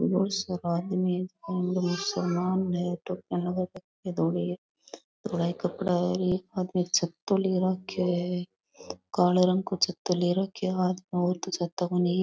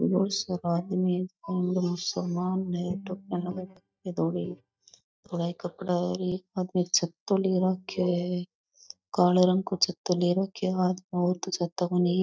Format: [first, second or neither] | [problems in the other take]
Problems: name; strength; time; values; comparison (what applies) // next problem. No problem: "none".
first | noise reduction (neural mask model DeepFilterNet 3)